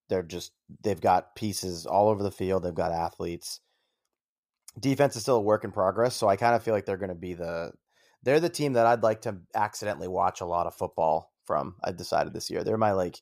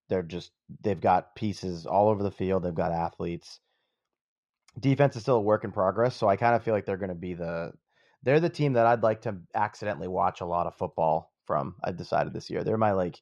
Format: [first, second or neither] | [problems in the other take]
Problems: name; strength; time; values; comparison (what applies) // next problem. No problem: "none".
first | muffled; slightly; fading above 3 kHz